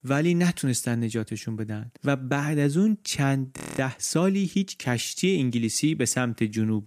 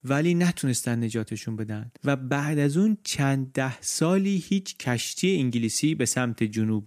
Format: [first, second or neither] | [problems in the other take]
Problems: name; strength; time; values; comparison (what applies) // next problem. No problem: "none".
second | audio freezing; at 3.5 s